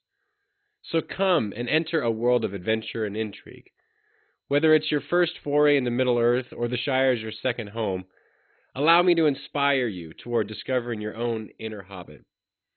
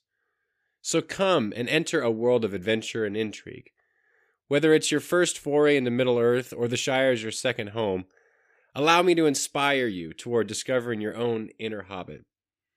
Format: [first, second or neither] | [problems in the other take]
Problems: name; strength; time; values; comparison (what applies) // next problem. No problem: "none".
second | garbled, watery; badly; nothing above 4 kHz